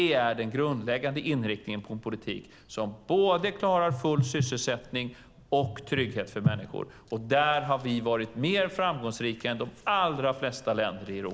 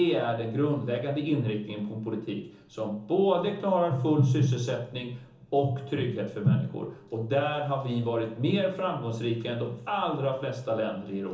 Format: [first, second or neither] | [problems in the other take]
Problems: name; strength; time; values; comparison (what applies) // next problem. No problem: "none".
first | room echo; dies away in 1.2 s